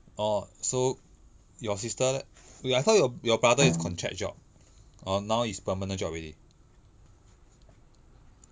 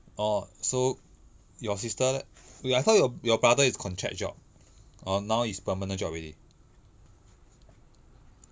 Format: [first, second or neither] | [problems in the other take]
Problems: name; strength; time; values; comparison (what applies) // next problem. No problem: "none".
second | background sound (Bowed string instrument); 2 dB below the speech